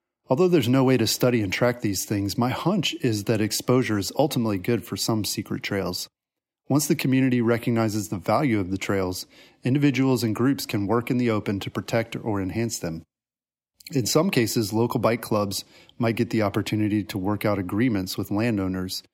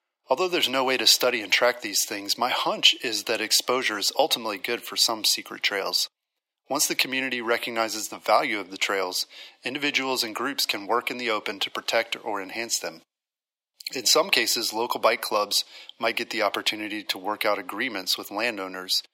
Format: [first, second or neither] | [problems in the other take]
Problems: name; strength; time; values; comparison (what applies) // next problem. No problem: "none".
first | thin; very; fading below 700 Hz